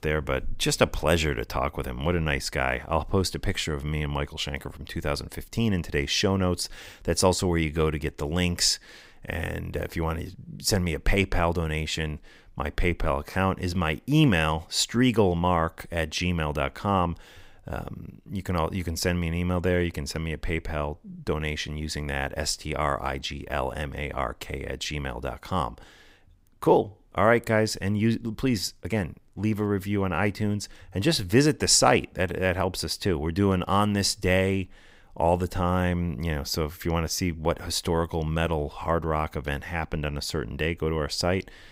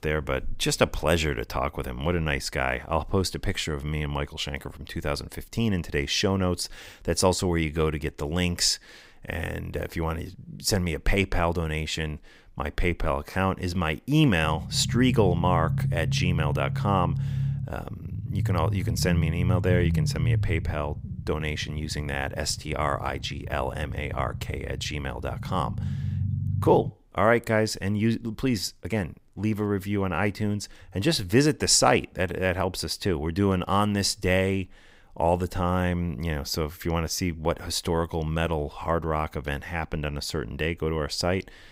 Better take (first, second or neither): first